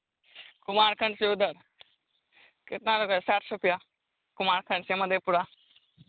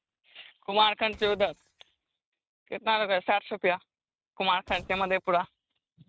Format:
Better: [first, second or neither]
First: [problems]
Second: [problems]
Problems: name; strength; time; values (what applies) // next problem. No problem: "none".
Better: first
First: none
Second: noise reduction (neural mask model RNNoise)